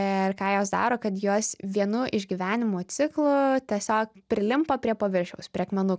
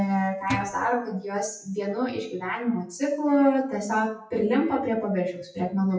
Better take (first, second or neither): first